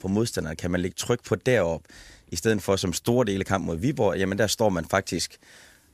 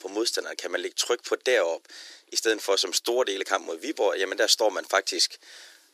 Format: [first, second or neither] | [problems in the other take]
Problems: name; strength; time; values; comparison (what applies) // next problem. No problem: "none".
first | thin; very; fading below 300 Hz